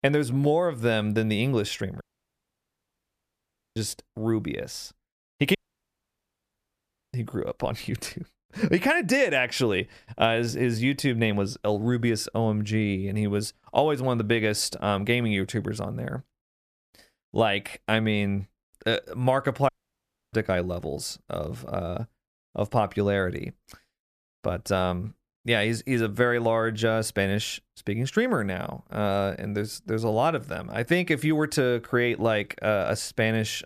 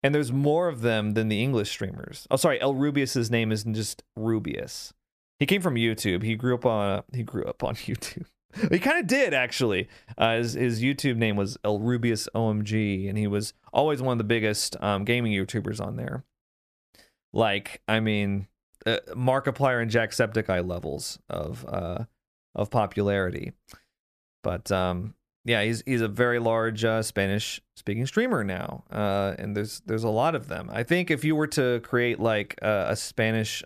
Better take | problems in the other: second | audio cutting out; at 2 s for 2 s, at 5.5 s for 1.5 s and at 20 s for 0.5 s

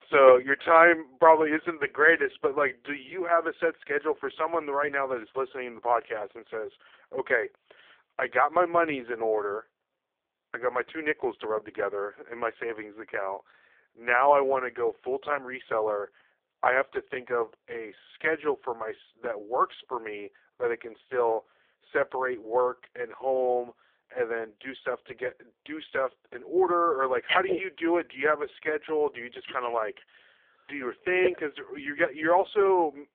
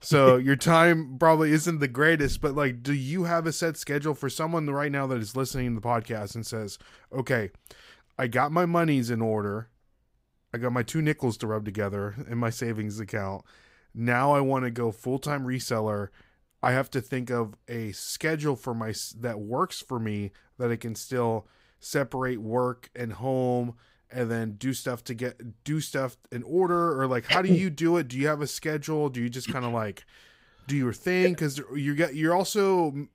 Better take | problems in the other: second | phone-call audio; poor line

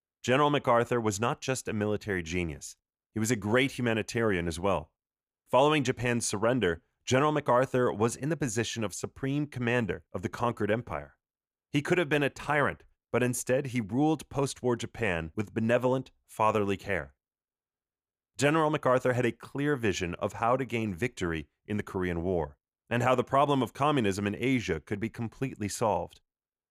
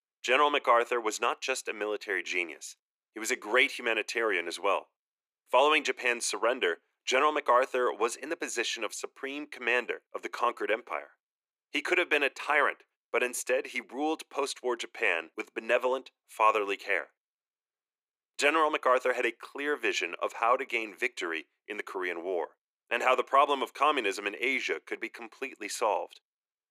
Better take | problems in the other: first | thin; very; fading below 350 Hz

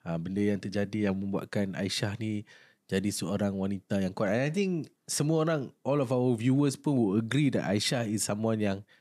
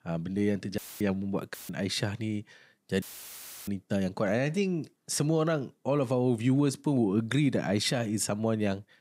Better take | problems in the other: first | audio cutting out; filled with static; at 1 s, at 1.5 s and at 3 s for 0.5 s

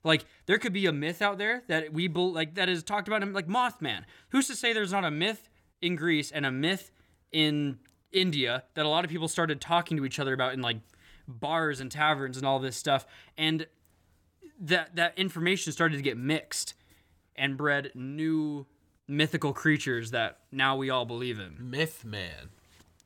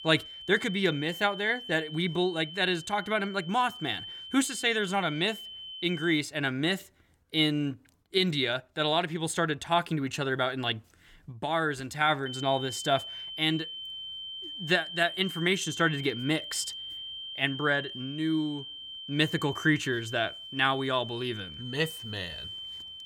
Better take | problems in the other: first | high-pitched whine; loud; until 6 s and from 12 s on; 3 kHz, 10 dB below the speech

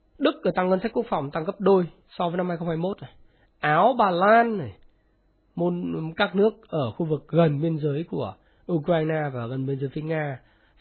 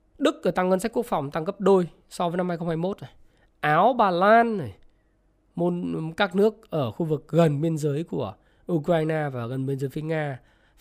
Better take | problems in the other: second | garbled, watery; badly; nothing above 4 kHz

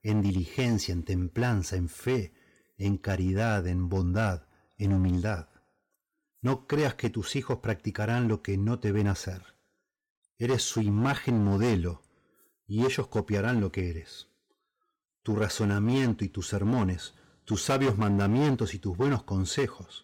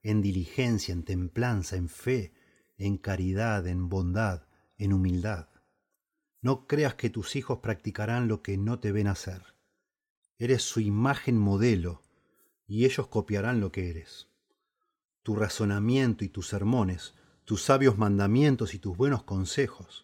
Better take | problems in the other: second | distortion; slight; 8% of the sound clipped

